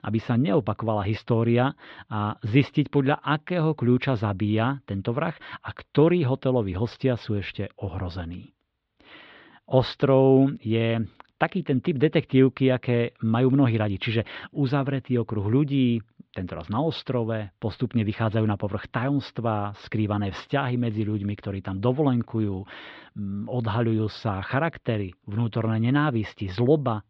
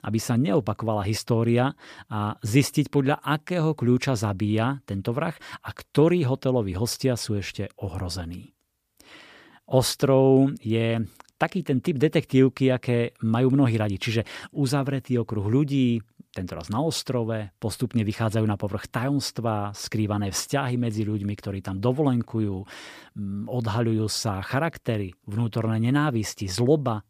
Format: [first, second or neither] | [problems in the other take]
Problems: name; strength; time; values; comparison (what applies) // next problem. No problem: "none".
second | muffled; slightly; fading above 3.5 kHz